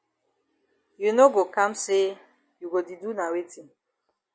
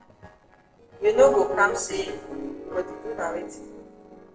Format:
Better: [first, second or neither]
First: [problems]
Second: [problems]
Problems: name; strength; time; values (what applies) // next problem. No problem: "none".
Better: first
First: none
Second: noise reduction (neural separator model SepFormer DNS4)